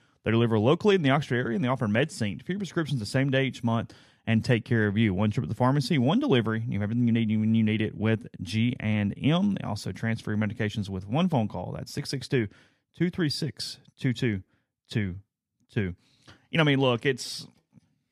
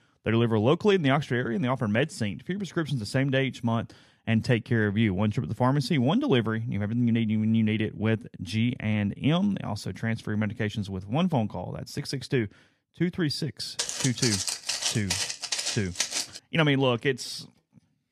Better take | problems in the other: first | footsteps; loud; from 14 to 16 s; peak 1 dB above the speech

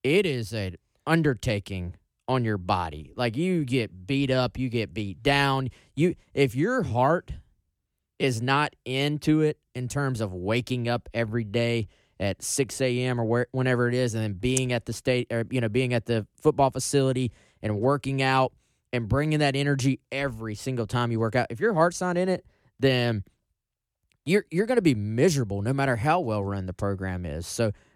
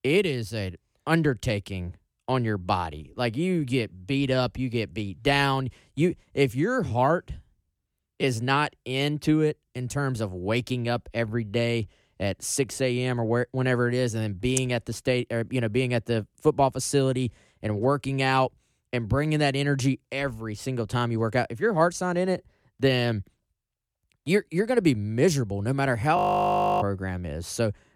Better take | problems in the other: first | audio freezing; at 26 s for 0.5 s

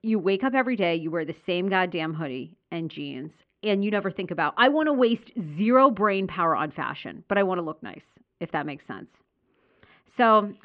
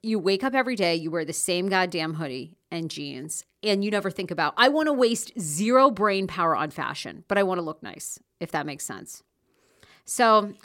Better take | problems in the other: second | muffled; very; fading above 3 kHz

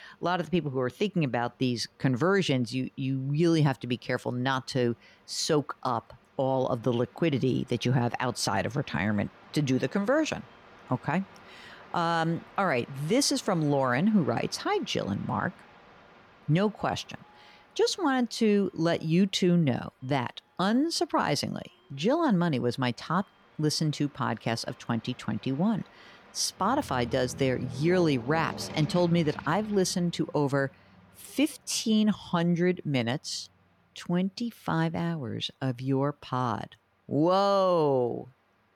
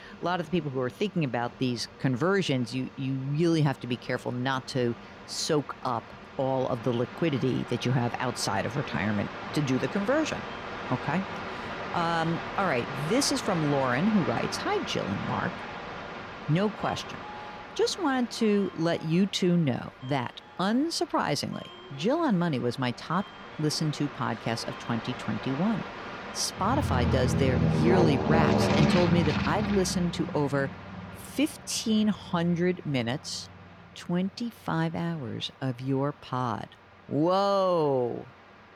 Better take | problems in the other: first | train or aircraft noise; loud; throughout; 4 dB below the speech; faint in the first

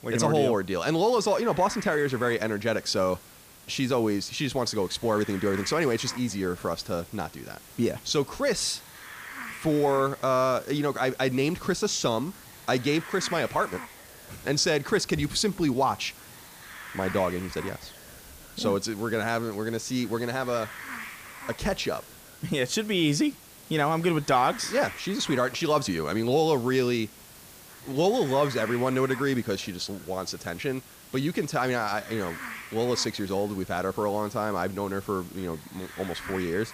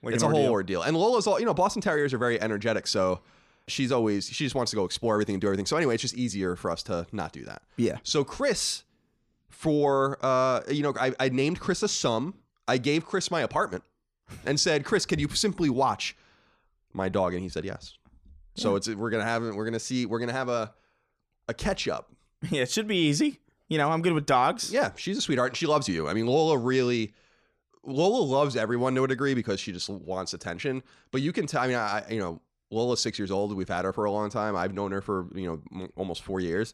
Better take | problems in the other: second | hiss; noticeable; throughout; 15 dB below the speech

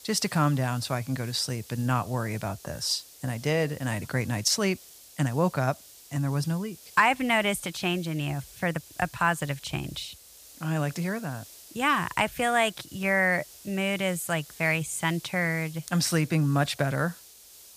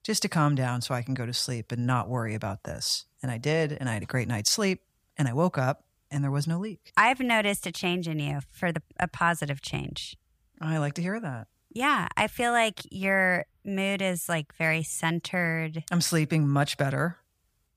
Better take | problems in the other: second | hiss; noticeable; throughout; 20 dB below the speech

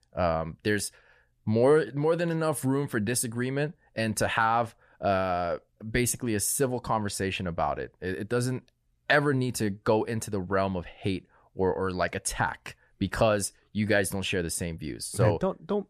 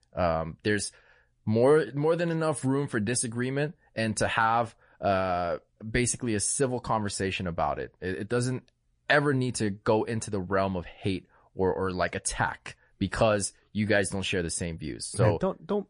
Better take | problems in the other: first | garbled, watery; slightly; nothing above 10.5 kHz

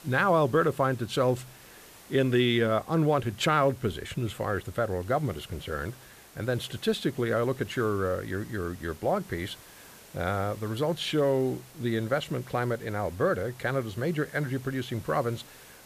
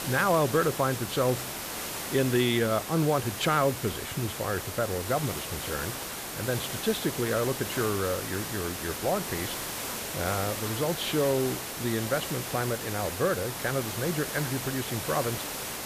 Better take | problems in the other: first | hiss; loud; throughout; 4 dB below the speech; faint in the first

